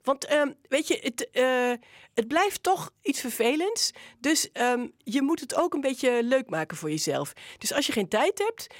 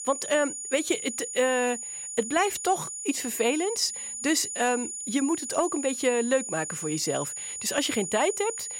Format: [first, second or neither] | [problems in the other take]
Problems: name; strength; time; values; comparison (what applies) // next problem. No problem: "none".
first | high-pitched whine; loud; throughout; 7 kHz, 5 dB below the speech